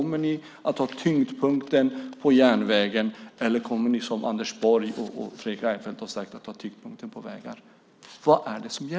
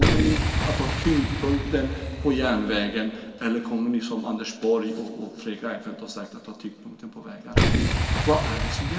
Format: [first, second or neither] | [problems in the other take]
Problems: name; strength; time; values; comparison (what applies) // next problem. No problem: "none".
first | background sound (Boom); as loud as the speech // room echo; dies away in 1.9 s